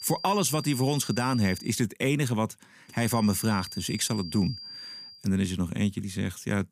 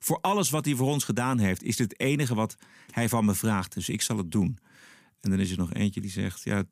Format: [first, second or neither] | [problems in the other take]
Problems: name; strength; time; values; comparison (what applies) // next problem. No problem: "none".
second | high-pitched whine; noticeable; until 1.5 s and from 3 to 5 s; 5 kHz, 10 dB below the speech